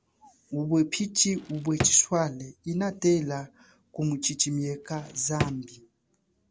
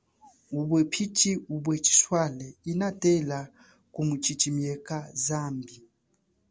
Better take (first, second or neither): second